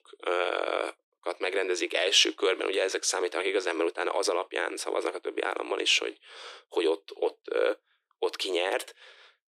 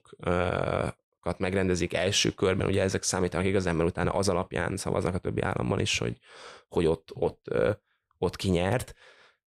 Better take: second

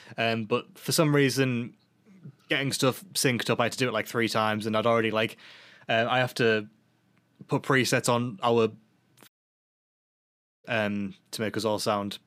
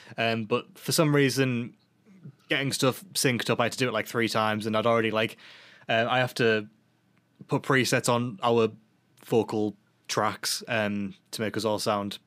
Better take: second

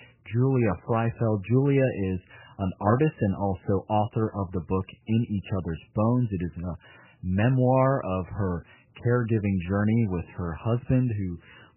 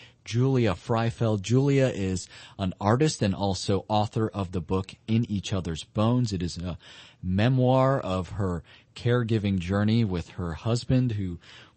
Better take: second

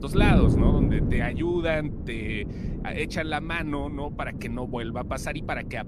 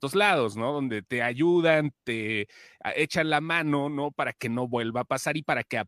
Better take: second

